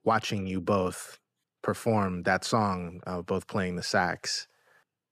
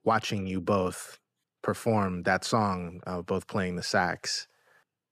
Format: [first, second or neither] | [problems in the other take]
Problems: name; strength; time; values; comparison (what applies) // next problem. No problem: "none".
neither | none